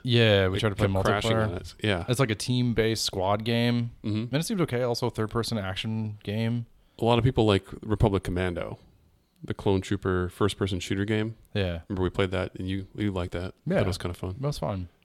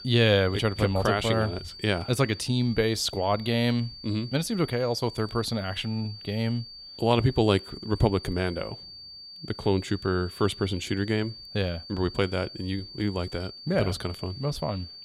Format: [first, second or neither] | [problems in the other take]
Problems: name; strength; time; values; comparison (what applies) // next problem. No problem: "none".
first | high-pitched whine; noticeable; throughout; 4.5 kHz, 15 dB below the speech